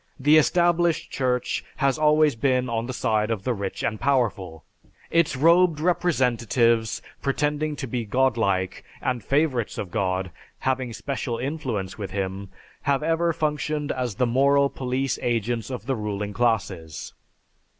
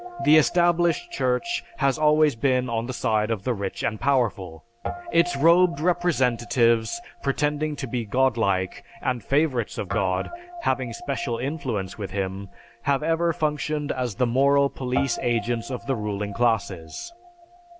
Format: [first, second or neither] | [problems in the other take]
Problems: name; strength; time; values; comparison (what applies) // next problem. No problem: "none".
first | background sound (Guitar); 15 dB below the speech